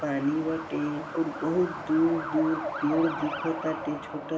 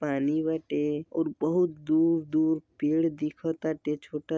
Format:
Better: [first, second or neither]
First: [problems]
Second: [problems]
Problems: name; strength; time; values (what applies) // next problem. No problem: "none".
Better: second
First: background sound (Truck); 8 dB below the speech // room echo; dies away in 1.3 s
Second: none